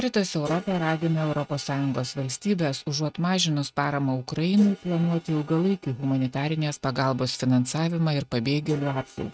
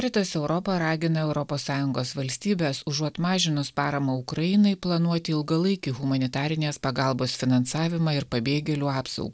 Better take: second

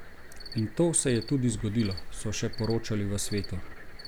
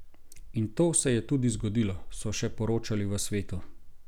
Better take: second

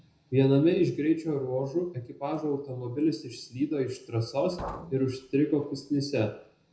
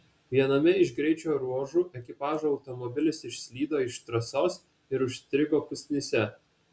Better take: second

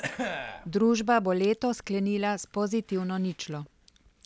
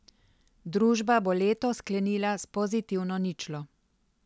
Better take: second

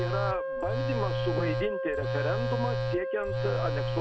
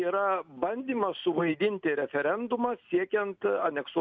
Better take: second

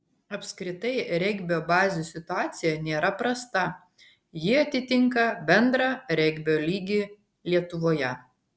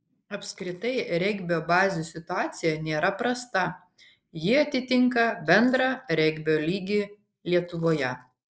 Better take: first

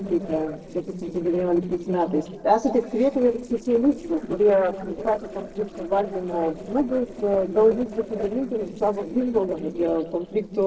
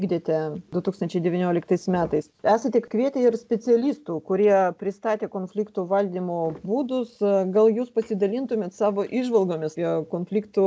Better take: second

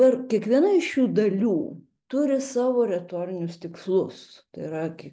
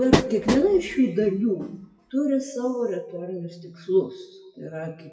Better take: first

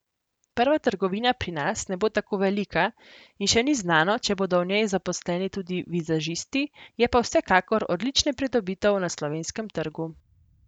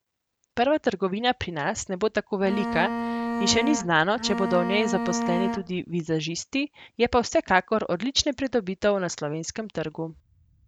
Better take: first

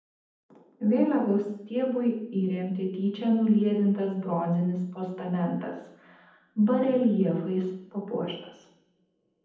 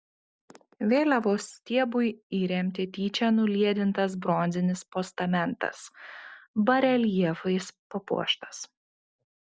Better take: second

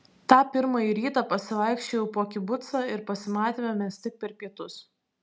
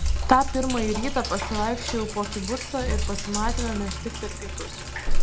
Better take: first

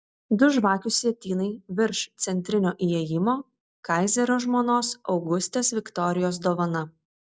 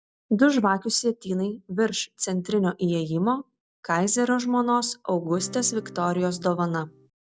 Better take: first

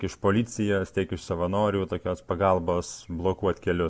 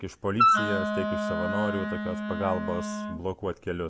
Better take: first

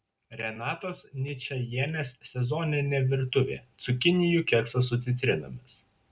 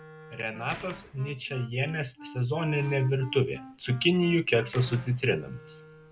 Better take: first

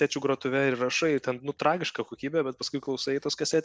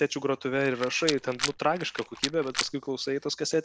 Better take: first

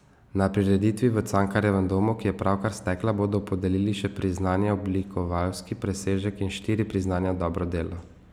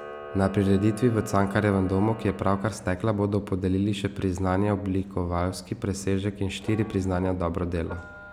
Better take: first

